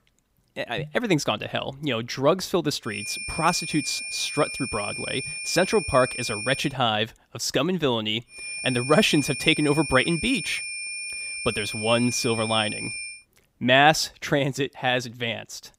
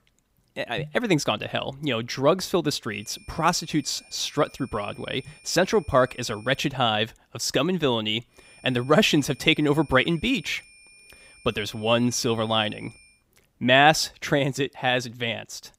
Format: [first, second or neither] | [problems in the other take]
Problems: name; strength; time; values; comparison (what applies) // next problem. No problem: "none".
second | high-pitched whine; loud; from 3 to 6.5 s and from 8.5 to 13 s; 2.5 kHz, 6 dB below the speech; faint in the second